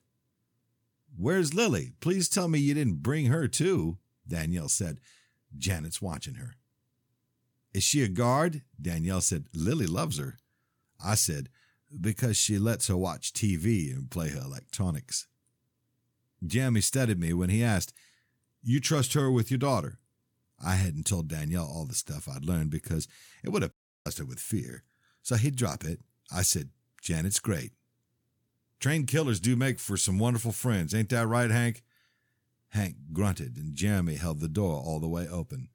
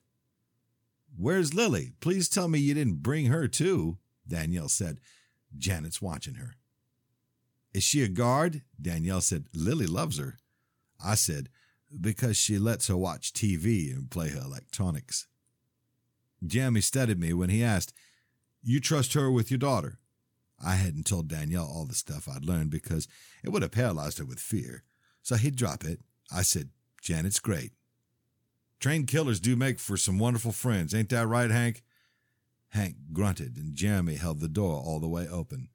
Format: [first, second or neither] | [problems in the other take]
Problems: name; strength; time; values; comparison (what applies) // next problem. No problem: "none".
second | audio cutting out; at 24 s